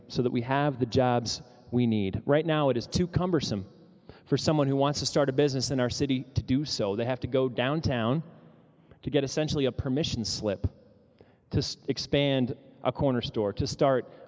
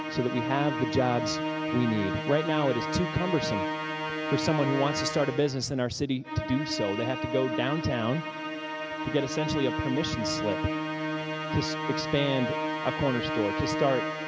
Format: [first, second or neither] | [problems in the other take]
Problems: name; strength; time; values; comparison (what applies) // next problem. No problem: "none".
first | background sound (Musical instrument); 2 dB below the speech